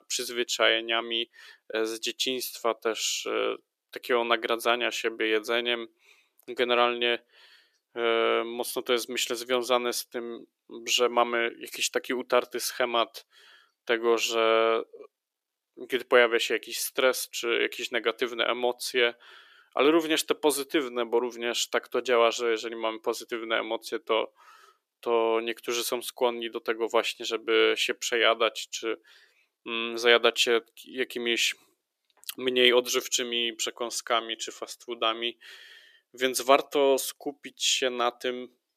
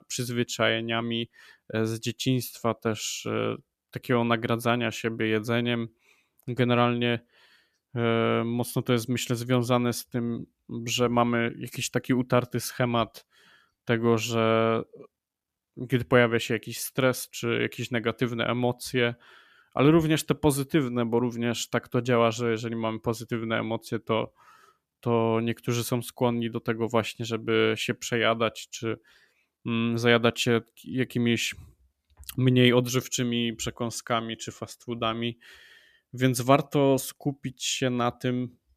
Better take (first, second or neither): second